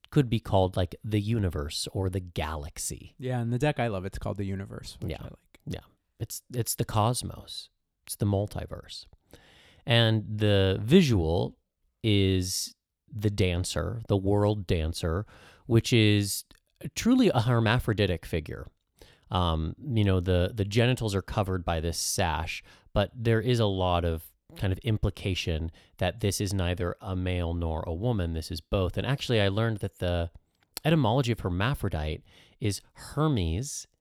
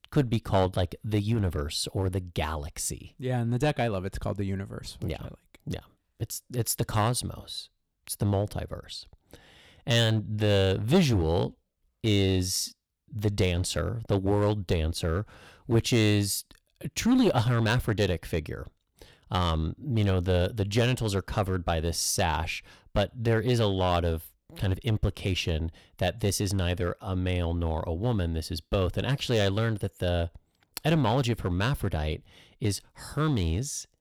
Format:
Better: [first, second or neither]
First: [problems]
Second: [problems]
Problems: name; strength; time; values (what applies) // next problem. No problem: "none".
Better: first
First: none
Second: distortion; slight; 4% of the sound clipped